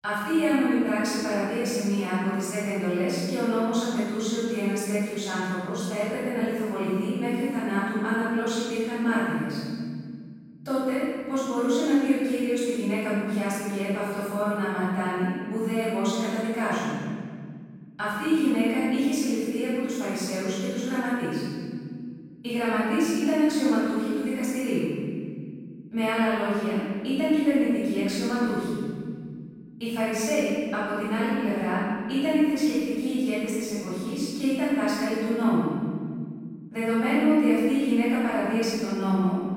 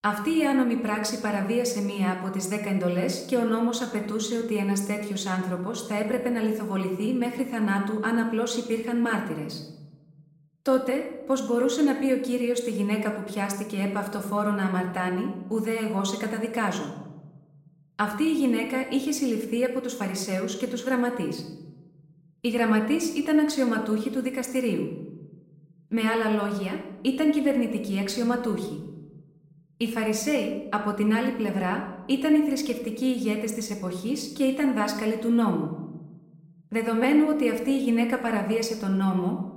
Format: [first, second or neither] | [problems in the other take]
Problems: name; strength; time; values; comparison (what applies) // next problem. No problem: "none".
second | room echo; strong; dies away in 2.4 s; slight in the second // off-mic speech; far; somewhat distant in the second